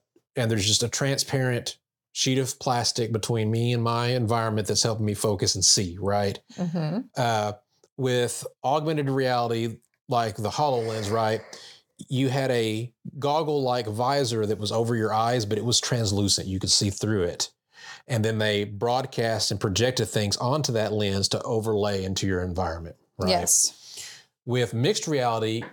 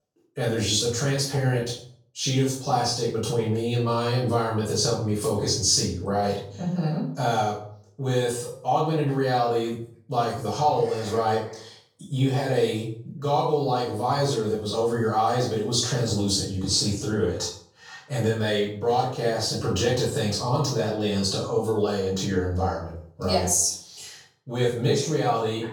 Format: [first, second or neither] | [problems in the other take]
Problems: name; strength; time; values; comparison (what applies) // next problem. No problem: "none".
first | off-mic speech; far // room echo; noticeable; dies away in 0.5 s